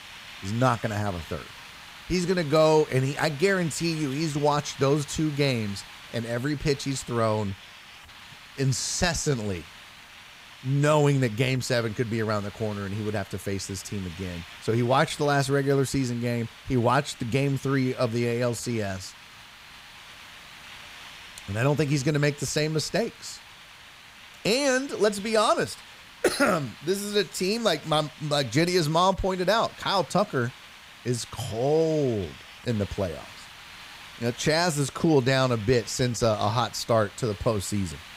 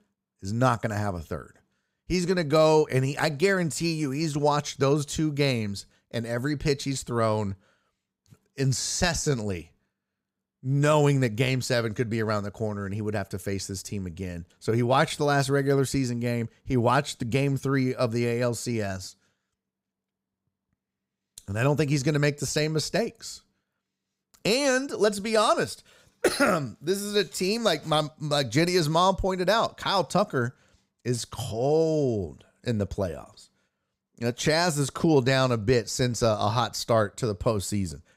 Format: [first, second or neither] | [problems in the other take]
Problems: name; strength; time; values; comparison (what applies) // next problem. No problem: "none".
second | hiss; noticeable; throughout; 20 dB below the speech